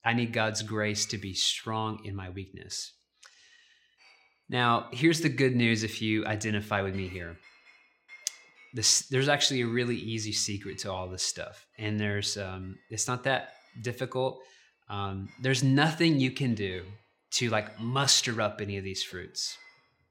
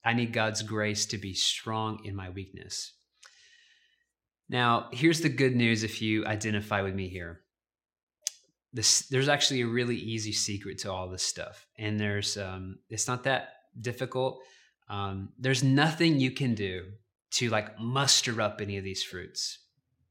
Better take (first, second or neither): second